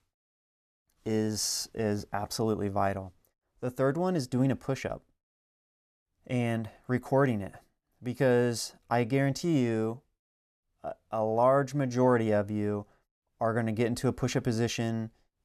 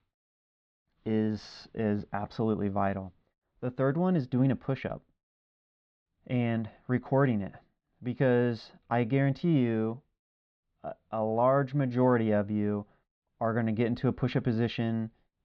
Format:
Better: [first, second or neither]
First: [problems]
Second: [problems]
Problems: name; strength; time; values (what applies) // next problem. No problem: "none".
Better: first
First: none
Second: muffled; slightly; fading above 4 kHz